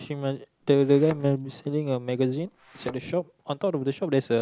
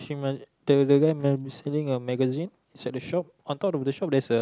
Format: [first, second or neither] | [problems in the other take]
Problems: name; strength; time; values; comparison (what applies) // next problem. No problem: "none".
second | background sound (Thump, thud); 19 dB below the speech